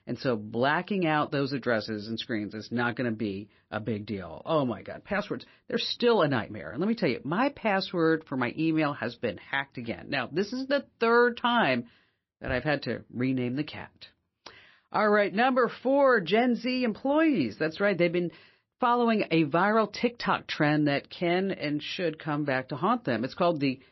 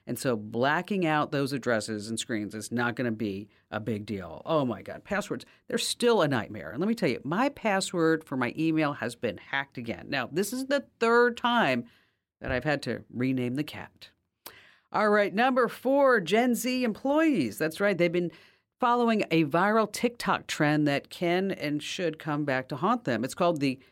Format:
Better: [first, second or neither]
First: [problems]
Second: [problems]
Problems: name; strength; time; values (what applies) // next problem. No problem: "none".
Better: second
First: garbled, watery; slightly; nothing above 5.5 kHz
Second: none